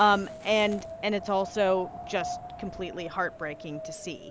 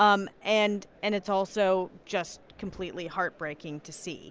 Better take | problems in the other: second | background sound (Fire + Wind); 12 dB below the speech

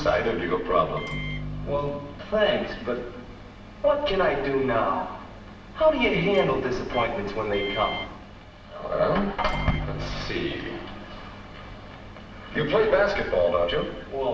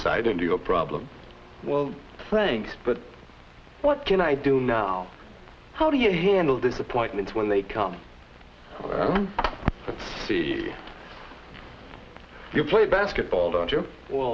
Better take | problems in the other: second | background sound (Microwave oven); 13 dB below the speech // room echo; dies away in 1 s

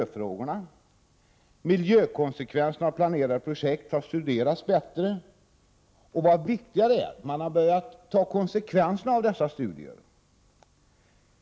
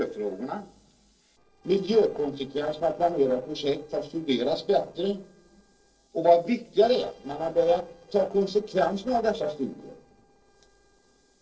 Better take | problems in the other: first | noise reduction (neural separator model SepFormer DNS4)

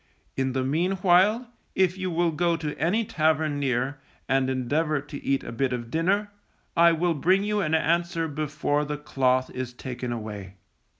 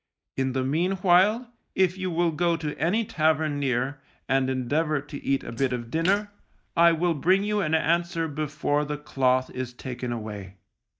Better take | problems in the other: first | noise reduction (neural mask model DeepFilterNet 3)

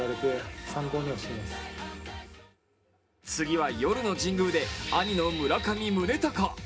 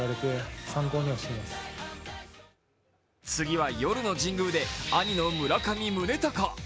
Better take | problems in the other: second | room echo; dies away in 0.3 s

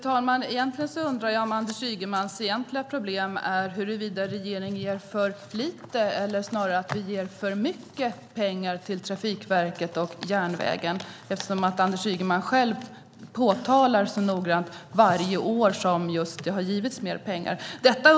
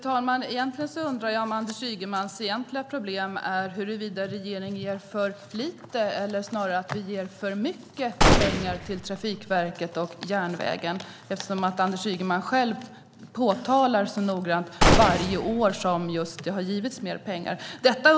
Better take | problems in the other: first | background sound (Gunshot, gunfire); 4 dB above the speech

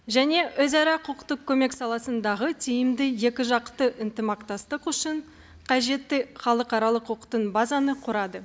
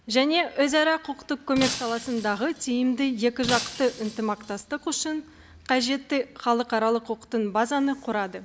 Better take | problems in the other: first | background sound (Shatter); 11 dB below the speech

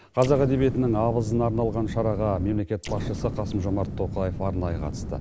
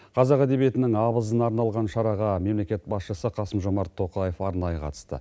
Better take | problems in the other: second | background sound (Explosion); 7 dB below the speech

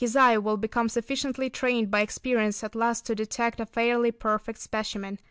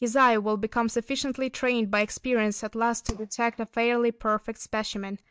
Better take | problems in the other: first | noise reduction (neural mask model DeepFilterNet 3)

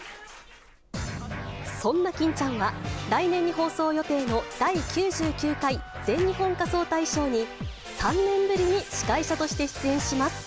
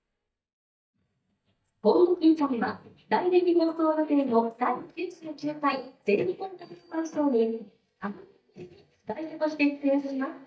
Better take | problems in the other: first | noise reduction (neural mask model DeepFilterNet 3)

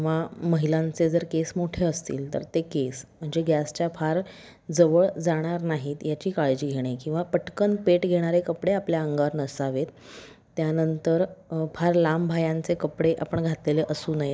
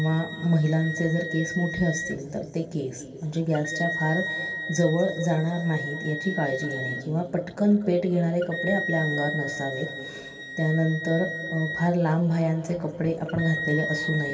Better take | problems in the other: first | background sound (Wind instrument, woodwind instrument); 9 dB below the speech // room echo; dies away in 2.8 s

